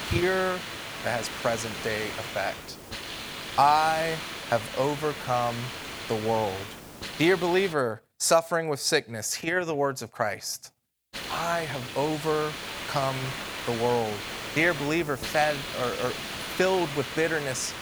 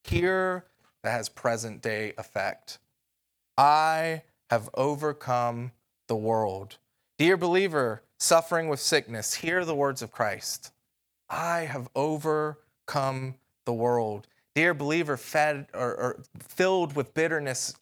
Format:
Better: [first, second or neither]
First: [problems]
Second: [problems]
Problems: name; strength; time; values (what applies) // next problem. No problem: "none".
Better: second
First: hiss; loud; until 7.5 s and from 11 s on; 7 dB below the speech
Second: none